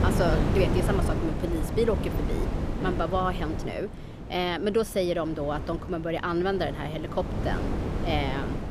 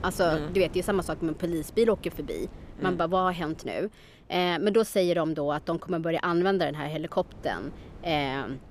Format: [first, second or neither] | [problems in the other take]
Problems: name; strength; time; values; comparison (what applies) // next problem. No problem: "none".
second | wind noise on the microphone; heavy; 6 dB below the speech; occasional gusts in the second